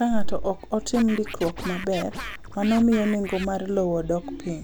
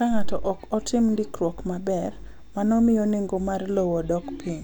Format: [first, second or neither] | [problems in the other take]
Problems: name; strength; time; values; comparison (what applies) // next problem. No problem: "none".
second | background sound (Scratching (performance technique)); 13 dB below the speech